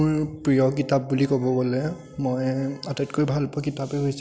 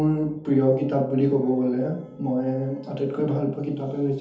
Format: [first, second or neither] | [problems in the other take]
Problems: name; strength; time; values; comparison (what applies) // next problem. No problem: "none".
first | room echo; dies away in 0.6 s